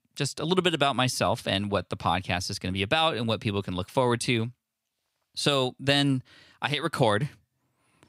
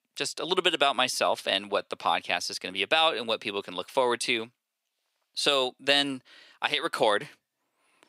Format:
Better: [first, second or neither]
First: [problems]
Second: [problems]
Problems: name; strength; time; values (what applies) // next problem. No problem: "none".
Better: first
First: none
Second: thin; somewhat; fading below 450 Hz